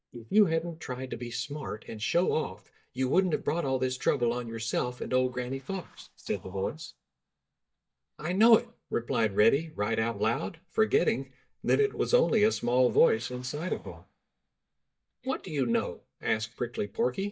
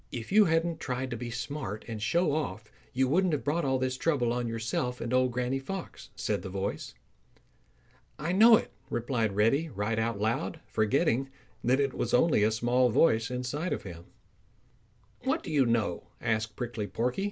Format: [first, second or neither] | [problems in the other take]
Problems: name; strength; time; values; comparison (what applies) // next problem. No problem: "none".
second | noise reduction (neural mask model DeepFilterNet 3)